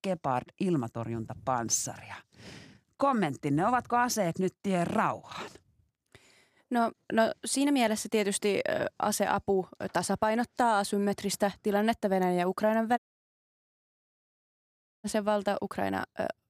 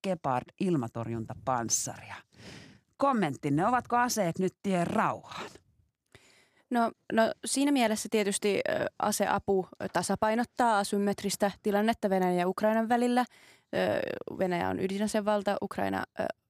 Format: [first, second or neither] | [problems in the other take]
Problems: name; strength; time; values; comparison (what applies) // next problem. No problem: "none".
second | audio cutting out; at 13 s for 2 s